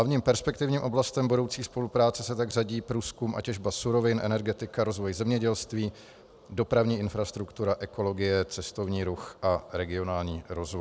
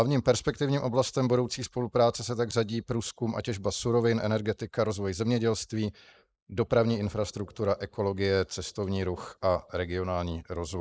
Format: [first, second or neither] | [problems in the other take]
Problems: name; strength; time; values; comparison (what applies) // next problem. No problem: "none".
first | noise reduction (neural mask model Resemble Enhance denoiser)